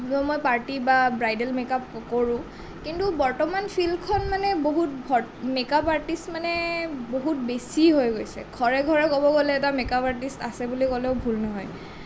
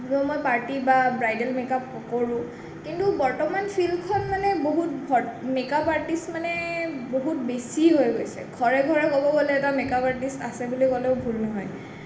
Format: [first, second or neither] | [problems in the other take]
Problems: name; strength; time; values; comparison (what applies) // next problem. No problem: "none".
first | room echo; dies away in 1 s